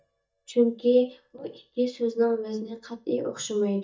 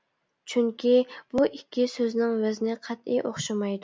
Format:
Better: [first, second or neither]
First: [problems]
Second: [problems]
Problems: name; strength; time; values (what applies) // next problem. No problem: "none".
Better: second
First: noise reduction (neural mask model DeepFilterNet 3)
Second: none